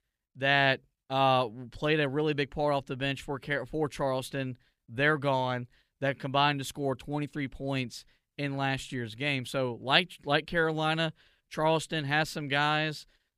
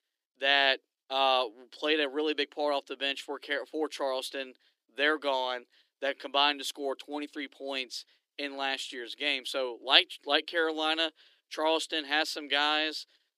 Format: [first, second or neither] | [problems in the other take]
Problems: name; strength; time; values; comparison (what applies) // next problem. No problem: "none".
first | thin; somewhat; fading below 300 Hz